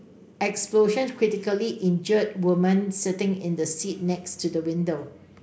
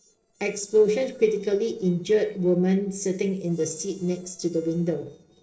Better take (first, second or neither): first